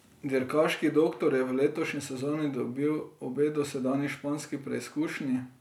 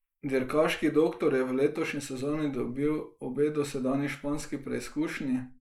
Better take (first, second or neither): first